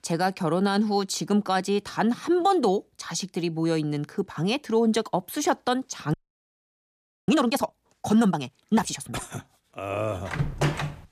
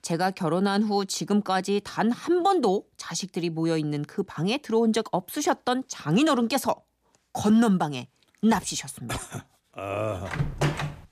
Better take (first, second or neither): second